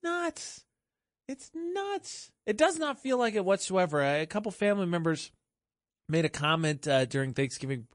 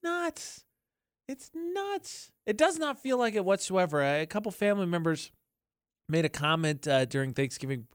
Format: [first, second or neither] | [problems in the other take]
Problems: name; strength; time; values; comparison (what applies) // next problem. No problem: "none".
second | garbled, watery; slightly; nothing above 10.5 kHz